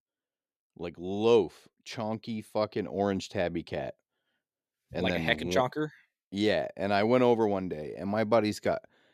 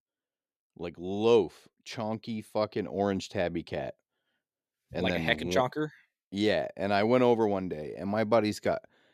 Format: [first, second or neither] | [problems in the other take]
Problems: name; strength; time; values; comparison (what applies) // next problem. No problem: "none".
neither | none